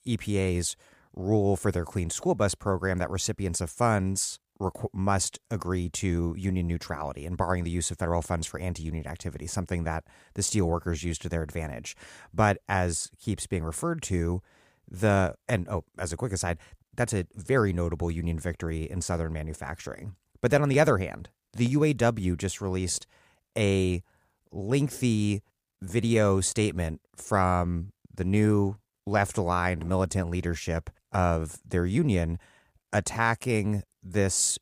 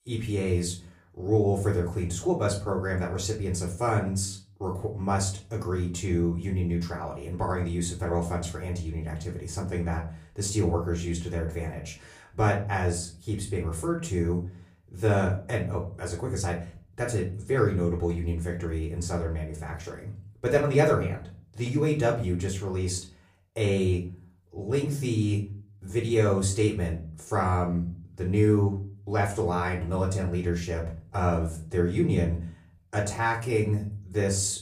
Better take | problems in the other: first | off-mic speech; far // room echo; very slight; dies away in 0.4 s

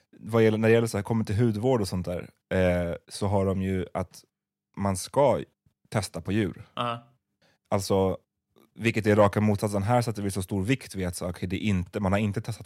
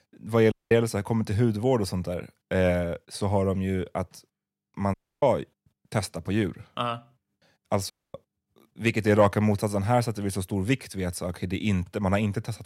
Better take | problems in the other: first | audio cutting out; at 0.5 s, at 5 s and at 8 s

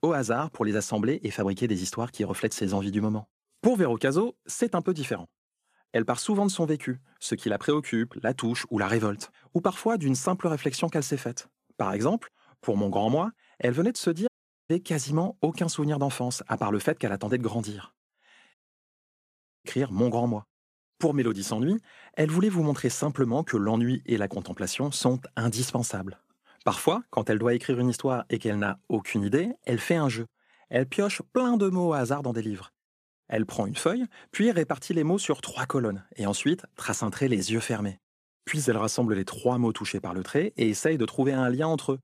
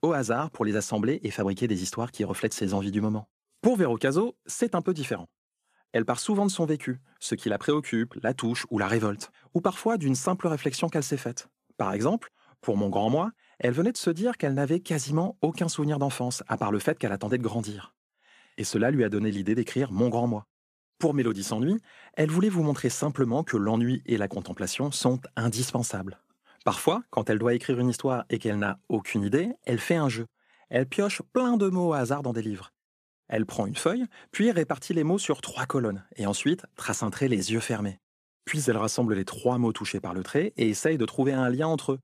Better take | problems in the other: second | audio cutting out; at 14 s and at 19 s for 1 s

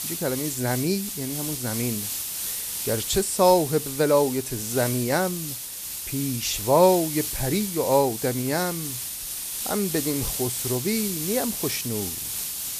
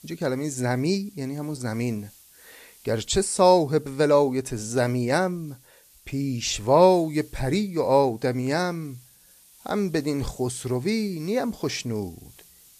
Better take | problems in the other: second | hiss; loud; throughout; 4 dB below the speech; faint in the second

